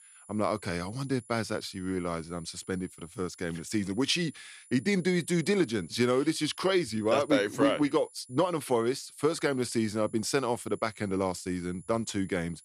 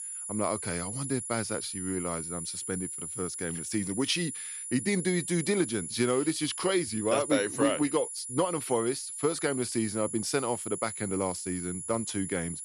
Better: first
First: high-pitched whine; faint; throughout; 10.5 kHz, 25 dB below the speech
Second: high-pitched whine; loud; throughout; 10.5 kHz, 5 dB below the speech

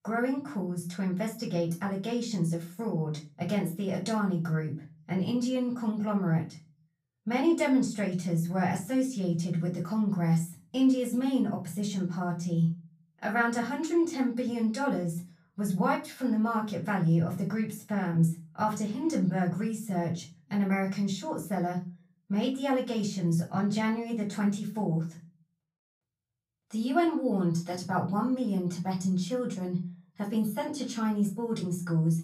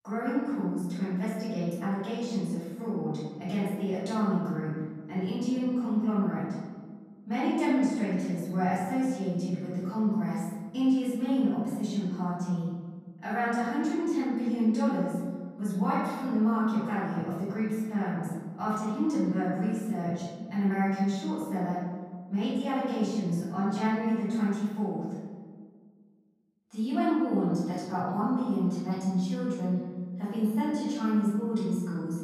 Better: first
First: room echo; slight; dies away in 0.3 s // off-mic speech; far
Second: room echo; strong; dies away in 1.5 s // off-mic speech; far

